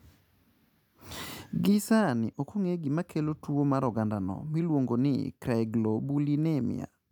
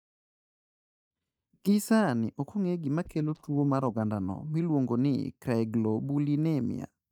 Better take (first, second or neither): first